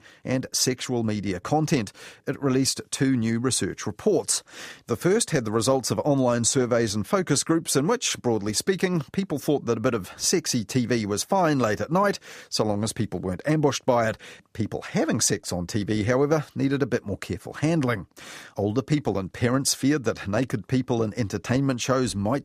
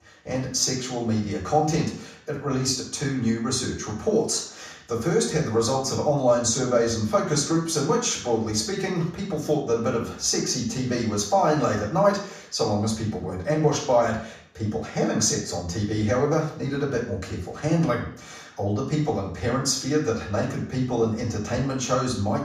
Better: first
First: none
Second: room echo; noticeable; dies away in 0.5 s // off-mic speech; far

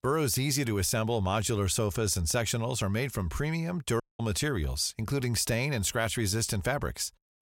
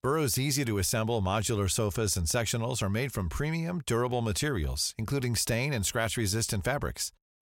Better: second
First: audio cutting out; at 4 s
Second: none

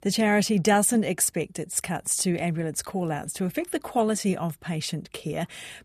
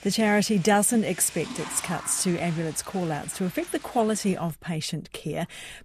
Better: first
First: none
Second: household noises; noticeable; throughout; 15 dB below the speech

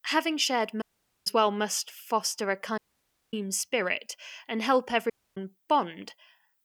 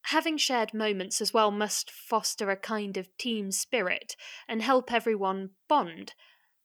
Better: second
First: audio cutting out; at 1 s, at 3 s for 0.5 s and at 5 s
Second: none

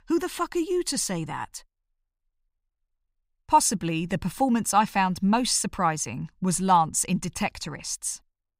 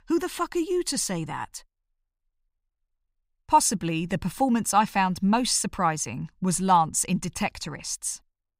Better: neither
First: none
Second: none

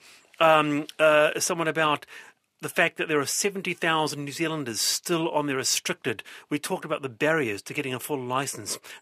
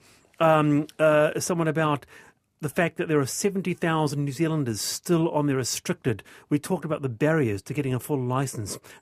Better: second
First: thin; somewhat; fading below 1 kHz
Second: none

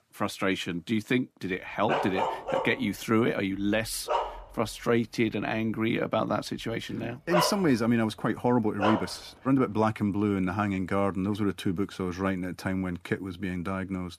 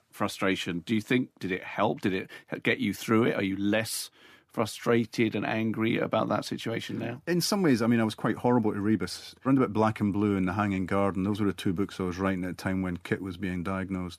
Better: second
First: dog barking; loud; from 2 to 9 s; peak 1 dB above the speech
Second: none

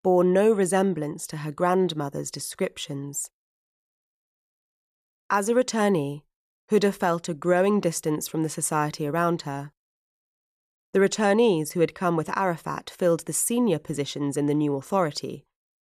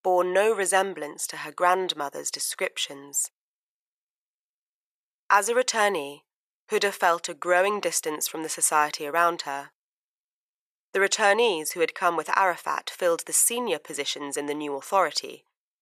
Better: first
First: none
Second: thin; very; fading below 650 Hz

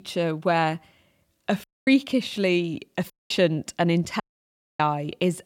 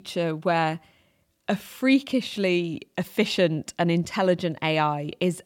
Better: second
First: audio cutting out; at 1.5 s, at 3 s and at 4 s for 0.5 s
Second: none

